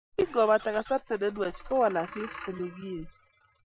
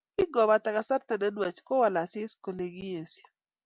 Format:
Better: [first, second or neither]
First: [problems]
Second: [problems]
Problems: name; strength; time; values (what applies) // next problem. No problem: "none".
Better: second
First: noise reduction (classical method Wiener filter)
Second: none